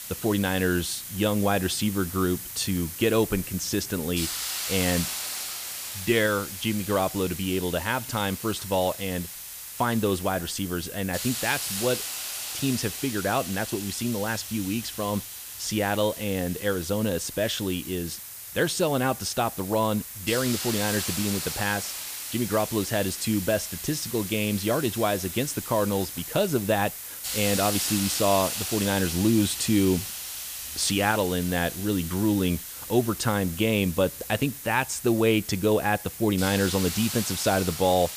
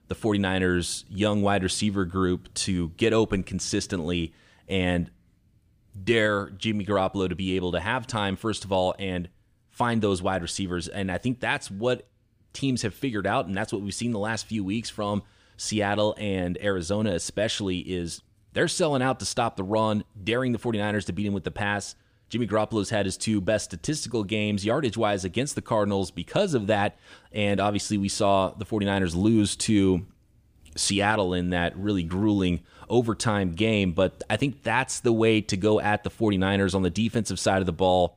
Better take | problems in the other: second | hiss; loud; throughout; 6 dB below the speech

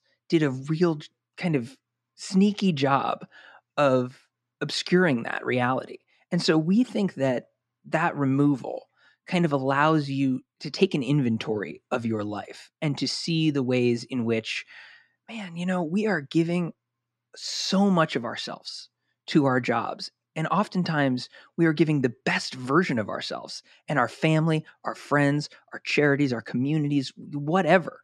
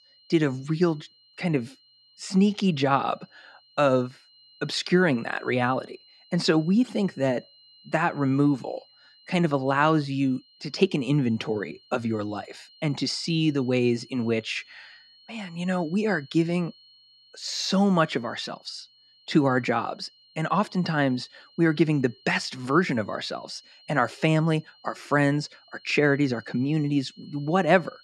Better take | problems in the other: first | high-pitched whine; faint; throughout; 4 kHz, 30 dB below the speech

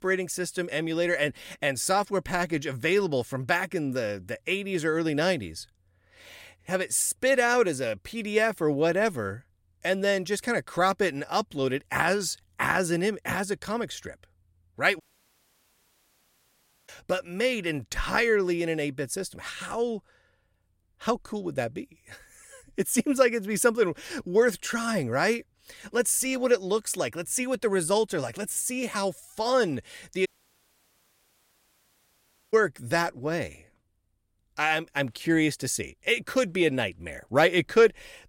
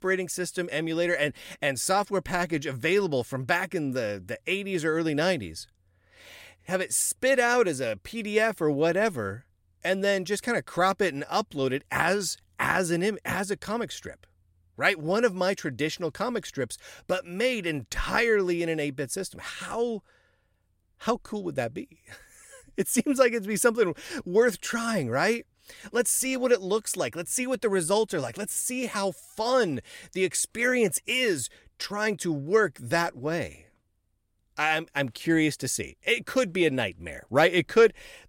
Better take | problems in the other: second | audio cutting out; at 15 s for 2 s and at 30 s for 2.5 s

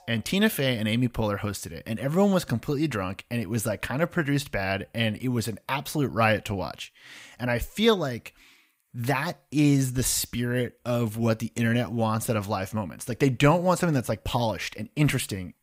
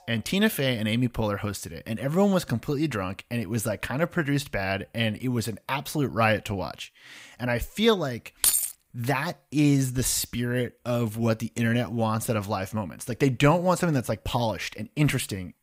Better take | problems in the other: first | jangling keys; loud; at 8.5 s; peak 5 dB above the speech

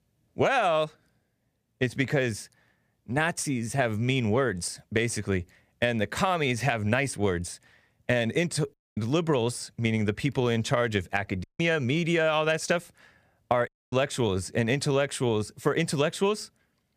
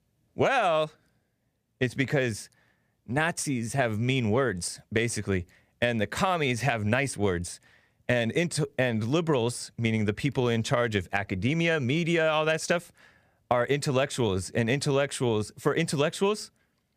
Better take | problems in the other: second | audio cutting out; at 8.5 s, at 11 s and at 14 s

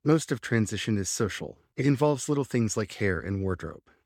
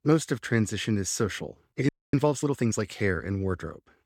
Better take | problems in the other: first | audio freezing; at 2 s

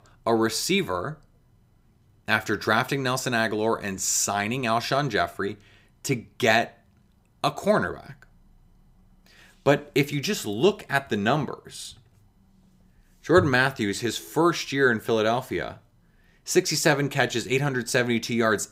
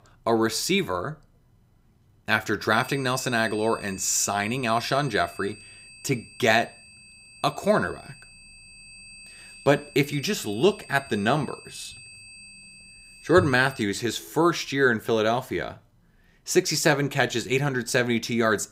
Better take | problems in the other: first | high-pitched whine; noticeable; from 2.5 to 14 s; 2.5 kHz, 20 dB below the speech

